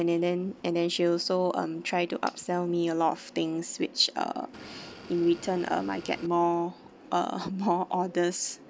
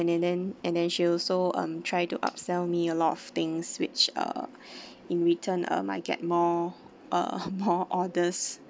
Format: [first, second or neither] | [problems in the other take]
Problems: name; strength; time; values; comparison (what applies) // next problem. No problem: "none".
second | background sound (Motor vehicle (road) / Engine); 17 dB below the speech